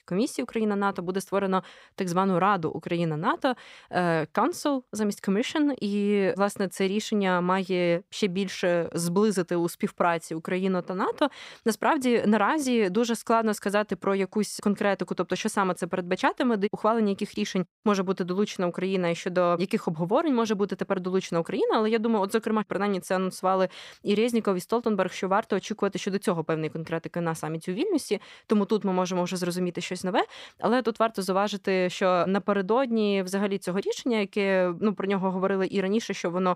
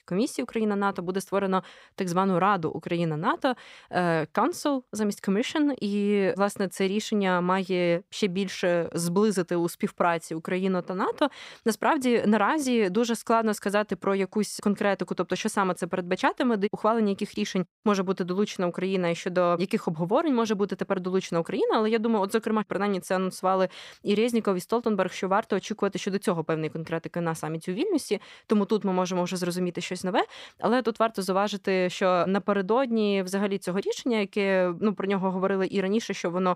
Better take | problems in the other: neither | none

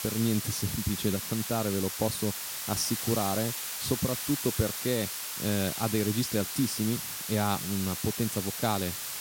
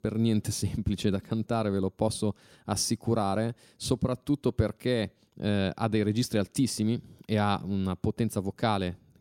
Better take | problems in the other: second | hiss; loud; throughout; 2 dB below the speech

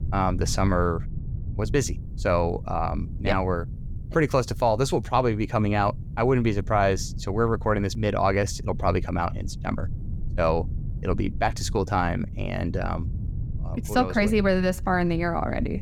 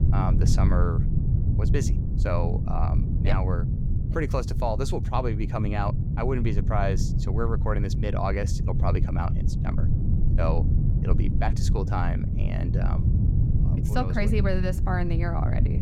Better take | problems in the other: first | low rumble; loud; throughout; 7 dB below the speech; faint in the first

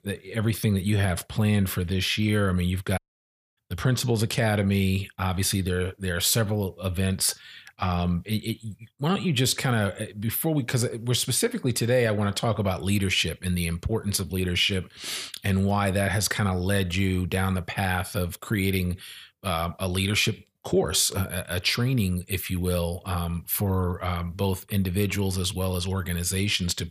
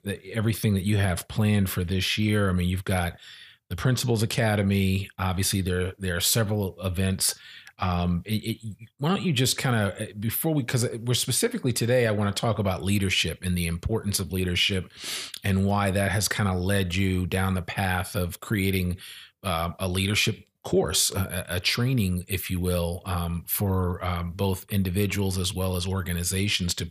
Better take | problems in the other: second | audio cutting out; at 3 s for 0.5 s

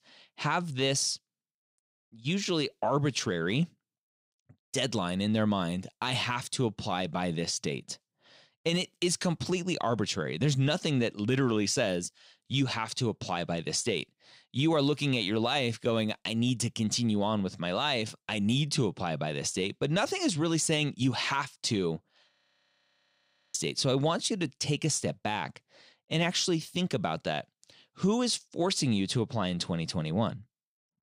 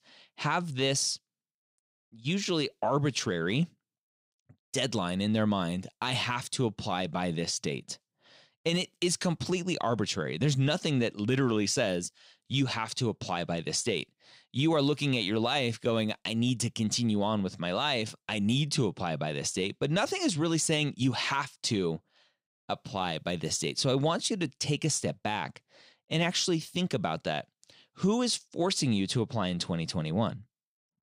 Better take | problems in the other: second | audio freezing; at 22 s for 1 s

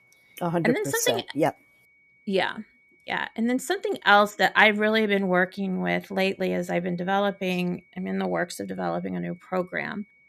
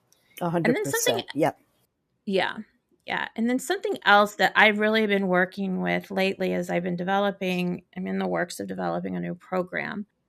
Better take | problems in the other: second | high-pitched whine; faint; throughout; 2 kHz, 35 dB below the speech

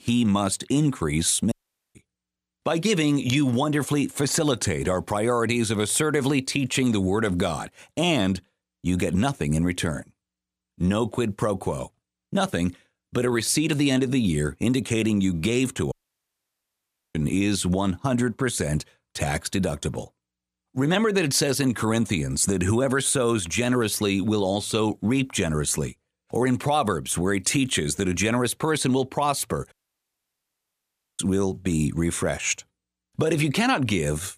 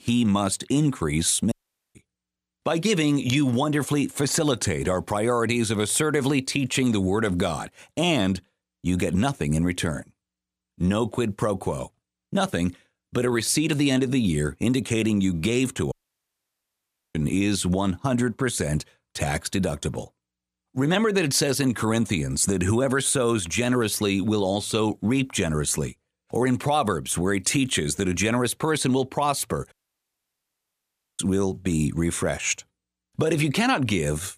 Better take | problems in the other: neither | audio cutting out; at 1.5 s, at 16 s for 1 s and at 30 s for 1.5 s; the same in both

